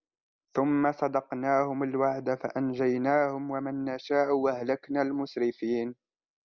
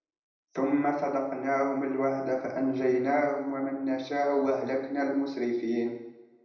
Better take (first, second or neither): first